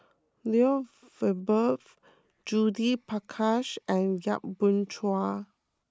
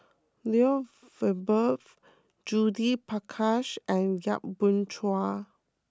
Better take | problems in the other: second | noise reduction (neural mask model Resemble Enhance denoiser)

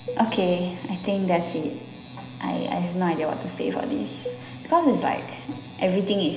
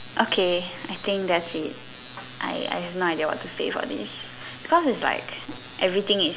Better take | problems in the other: second | background sound (Cowbell); 17 dB below the speech // room echo; dies away in 0.9 s

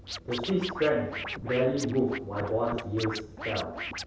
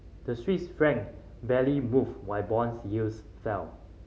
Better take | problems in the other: second | background sound (Scratching (performance technique)); 9 dB below the speech // room echo; dies away in 0.7 s

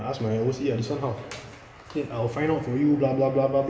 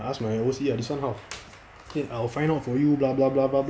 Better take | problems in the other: second | room echo; dies away in 2.1 s

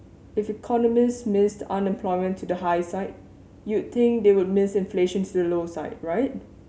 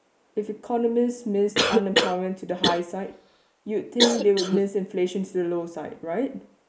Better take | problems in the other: first | noise reduction (neural mask model Resemble Enhance denoiser)

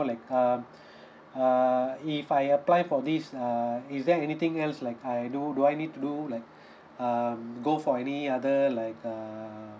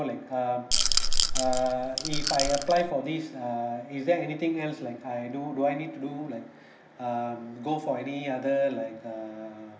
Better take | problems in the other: first | background sound (Rattle / Rattle (instrument)); 5 dB above the speech // room echo; dies away in 0.8 s

